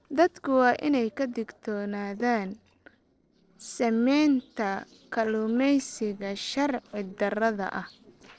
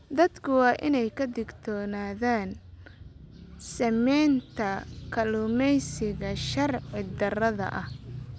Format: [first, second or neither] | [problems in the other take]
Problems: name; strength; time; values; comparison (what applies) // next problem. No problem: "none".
second | noise reduction (neural separator model SepFormer DNS4)